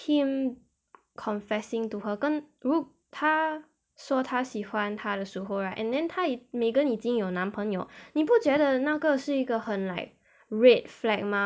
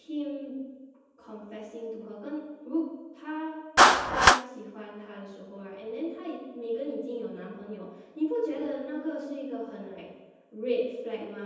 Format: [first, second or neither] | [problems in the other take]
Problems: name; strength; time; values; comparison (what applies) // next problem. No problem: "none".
first | background sound (Clapping); 4 dB above the speech // room echo; dies away in 1.1 s